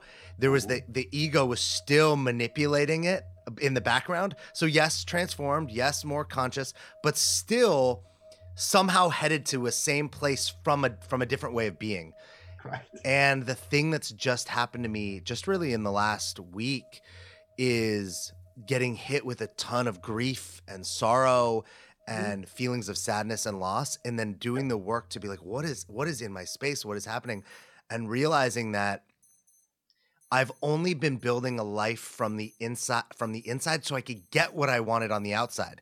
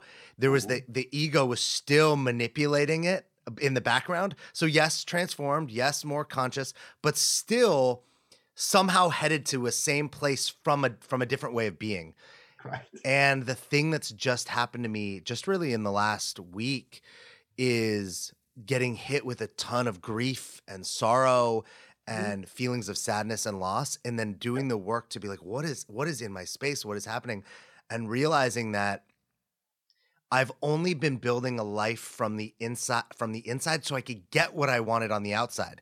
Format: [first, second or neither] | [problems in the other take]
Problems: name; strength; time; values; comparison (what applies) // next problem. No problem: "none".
second | alarms or sirens; faint; throughout; 25 dB below the speech